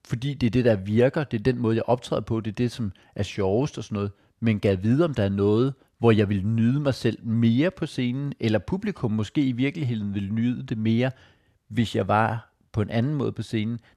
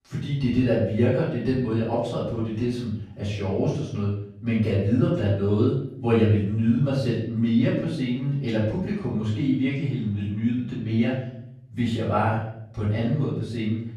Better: first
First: none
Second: off-mic speech; far // room echo; noticeable; dies away in 0.7 s

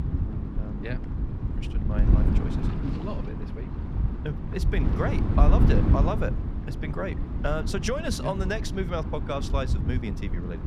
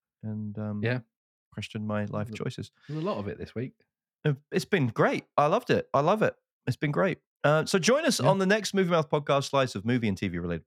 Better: second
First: wind noise on the microphone; heavy; 5 dB below the speech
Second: none

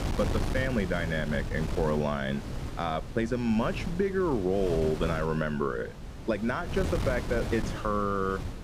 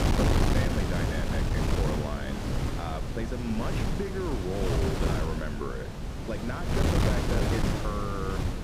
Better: first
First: wind noise on the microphone; occasional gusts; 10 dB below the speech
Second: wind noise on the microphone; heavy; 2 dB above the speech

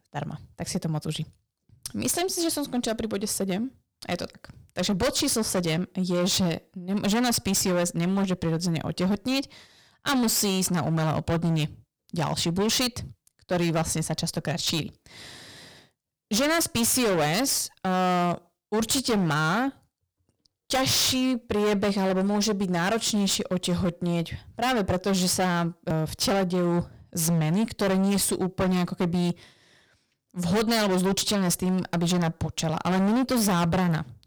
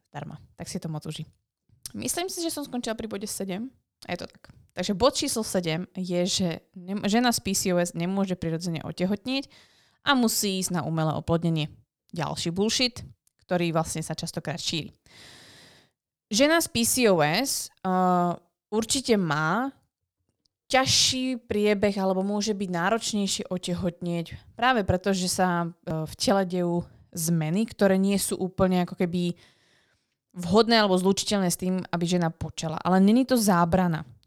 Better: second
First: distortion; heavy; 19% of the sound clipped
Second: none

